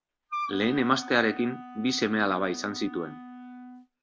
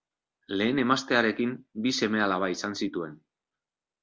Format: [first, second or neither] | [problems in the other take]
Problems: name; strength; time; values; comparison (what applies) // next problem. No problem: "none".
second | background sound (Wind instrument, woodwind instrument); 12 dB below the speech